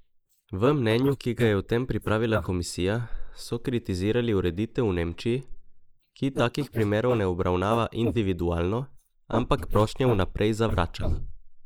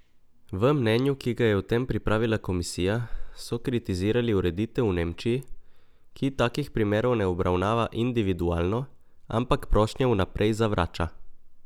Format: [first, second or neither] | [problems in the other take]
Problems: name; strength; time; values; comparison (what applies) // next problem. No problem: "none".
second | noise reduction (neural mask model Resemble Enhance denoiser)